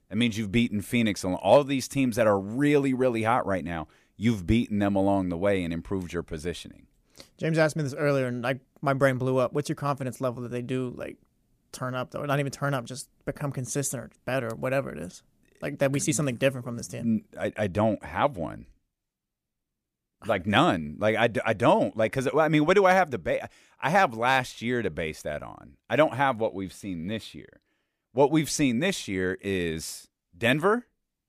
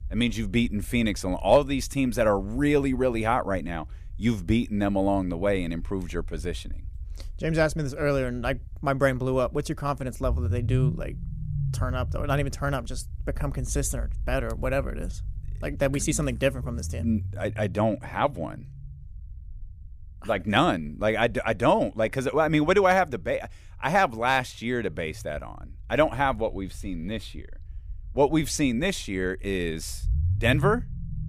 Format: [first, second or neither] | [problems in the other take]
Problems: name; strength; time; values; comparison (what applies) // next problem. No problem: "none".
first | low rumble; faint; throughout; 20 dB below the speech